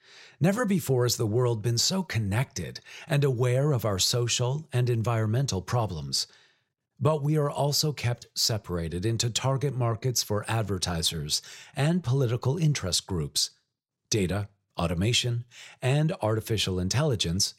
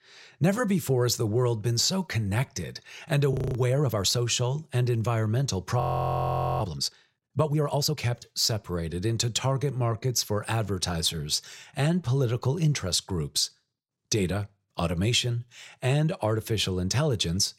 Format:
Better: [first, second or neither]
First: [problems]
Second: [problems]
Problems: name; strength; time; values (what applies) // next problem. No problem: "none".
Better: first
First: none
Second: audio freezing; at 3.5 s and at 6 s for 1 s